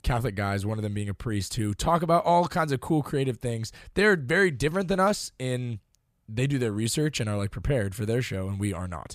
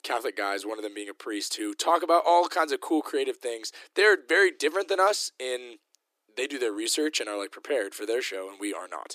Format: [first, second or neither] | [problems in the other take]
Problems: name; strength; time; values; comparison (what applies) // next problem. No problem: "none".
first | thin; very; fading below 300 Hz